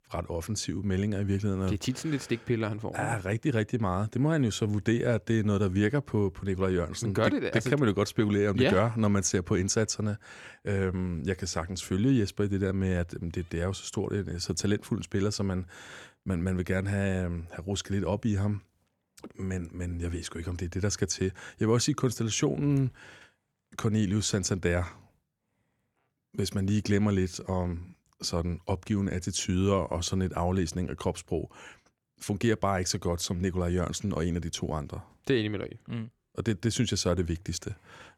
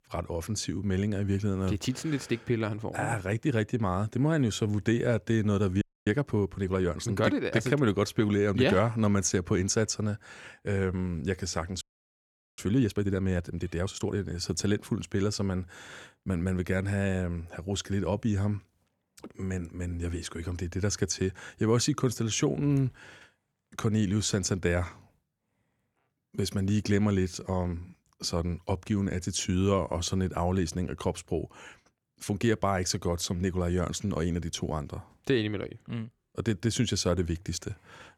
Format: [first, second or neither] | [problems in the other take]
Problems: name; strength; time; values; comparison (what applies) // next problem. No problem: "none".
first | audio freezing; at 6 s and at 12 s for 1 s